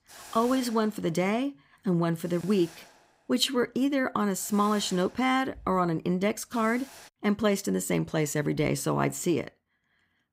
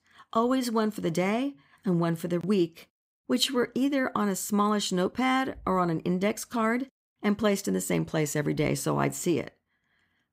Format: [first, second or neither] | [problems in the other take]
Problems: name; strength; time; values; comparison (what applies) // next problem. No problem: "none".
second | hiss; noticeable; until 7 s; 20 dB below the speech